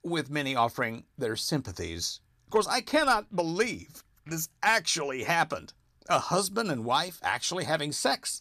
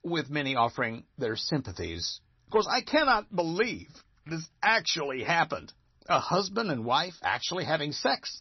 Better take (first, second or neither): first